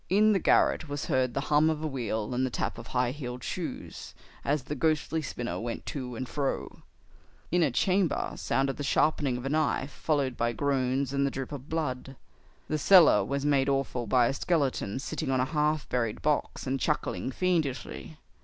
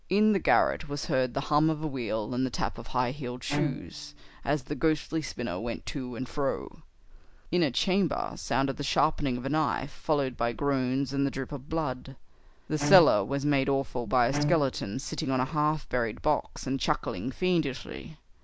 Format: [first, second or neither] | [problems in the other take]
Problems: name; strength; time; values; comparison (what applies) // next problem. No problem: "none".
first | background sound (Bowed string instrument); 8 dB below the speech